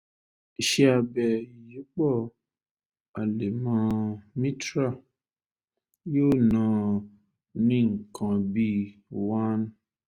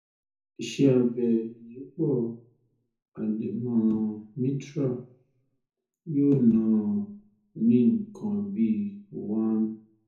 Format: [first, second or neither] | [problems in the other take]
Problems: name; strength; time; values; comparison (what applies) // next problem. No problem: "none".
first | room echo; dies away in 0.6 s